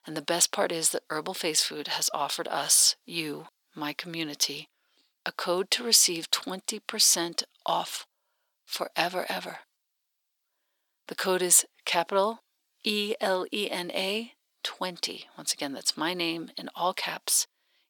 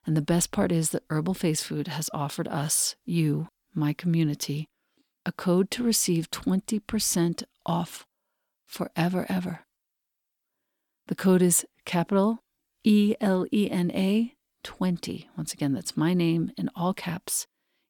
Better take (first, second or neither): second